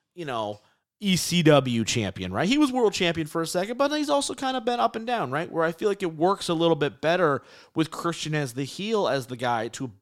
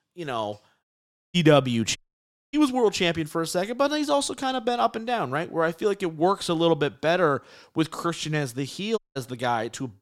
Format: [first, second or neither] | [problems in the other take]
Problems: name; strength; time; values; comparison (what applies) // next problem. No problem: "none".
first | audio cutting out; at 1 s for 0.5 s, at 2 s for 0.5 s and at 9 s